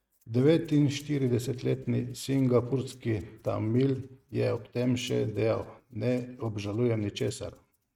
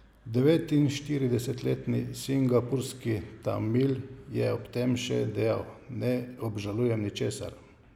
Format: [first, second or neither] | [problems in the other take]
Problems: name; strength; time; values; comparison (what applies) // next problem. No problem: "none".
second | noise reduction (neural mask model RNNoise)